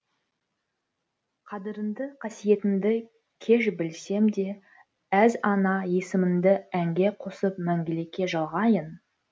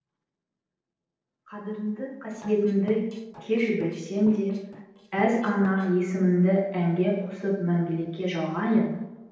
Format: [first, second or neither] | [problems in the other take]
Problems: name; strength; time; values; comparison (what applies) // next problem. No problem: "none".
first | noise reduction (neural separator model SepFormer DNS4)